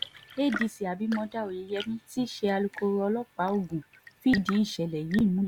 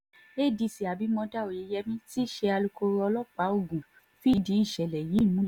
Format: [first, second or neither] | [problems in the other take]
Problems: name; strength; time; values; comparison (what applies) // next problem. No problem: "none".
second | background sound (Tap / Fill (with liquid) / Trickle, dribble / Chirp, tweet / Engine); 13 dB below the speech